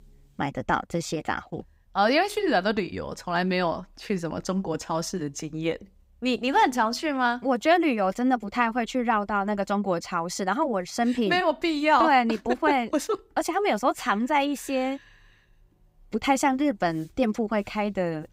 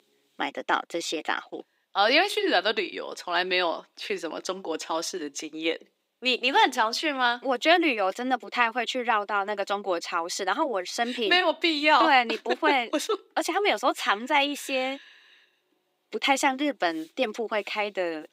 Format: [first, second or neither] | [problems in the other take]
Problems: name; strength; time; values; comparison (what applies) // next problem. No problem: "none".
first | thin; somewhat; fading below 350 Hz